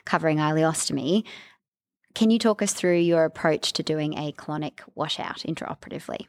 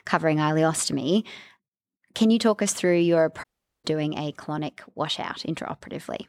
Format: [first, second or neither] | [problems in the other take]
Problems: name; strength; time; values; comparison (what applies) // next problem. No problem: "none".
first | audio cutting out; at 3.5 s